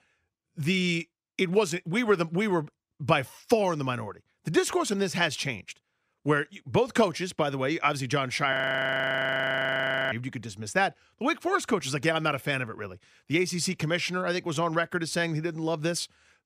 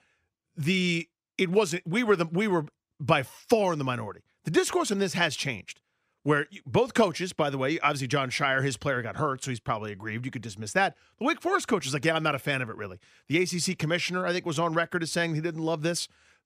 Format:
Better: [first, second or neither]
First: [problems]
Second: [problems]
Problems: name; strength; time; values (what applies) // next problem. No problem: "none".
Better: second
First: audio freezing; at 8.5 s for 1.5 s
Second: none